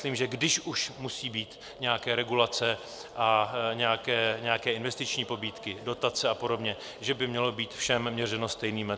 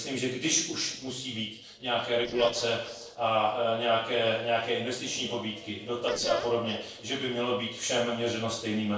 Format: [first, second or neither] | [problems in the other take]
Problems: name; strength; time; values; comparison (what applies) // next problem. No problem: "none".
first | noise reduction (neural separator model SepFormer DNS4)